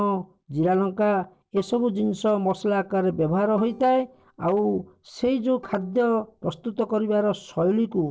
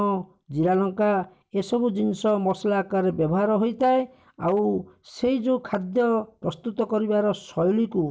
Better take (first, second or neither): second